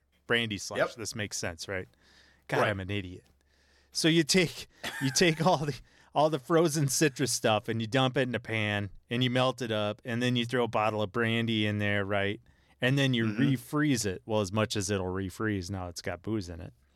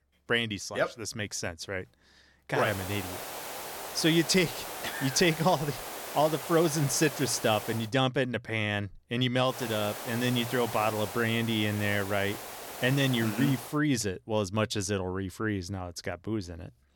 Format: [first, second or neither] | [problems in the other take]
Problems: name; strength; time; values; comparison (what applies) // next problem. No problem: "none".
first | hiss; loud; from 2.5 to 8 s and from 9.5 to 14 s; 9 dB below the speech